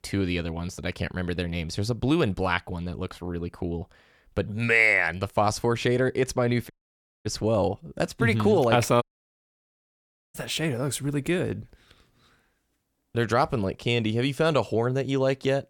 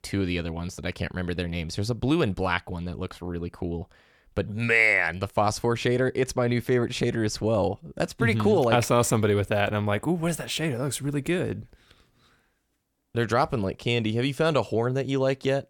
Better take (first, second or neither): second